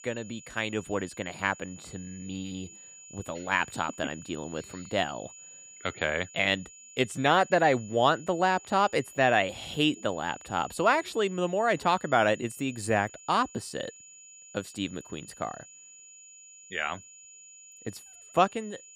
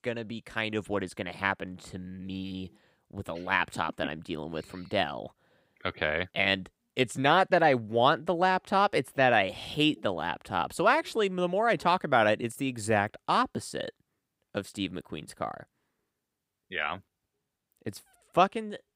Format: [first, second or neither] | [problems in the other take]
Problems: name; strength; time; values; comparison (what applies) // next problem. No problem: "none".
second | high-pitched whine; noticeable; throughout; 7 kHz, 20 dB below the speech